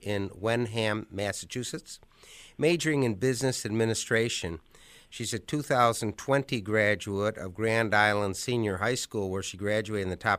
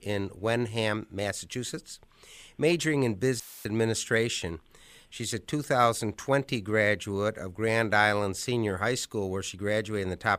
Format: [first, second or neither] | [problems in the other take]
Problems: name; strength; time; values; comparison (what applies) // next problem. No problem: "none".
first | audio cutting out; filled with static; at 3.5 s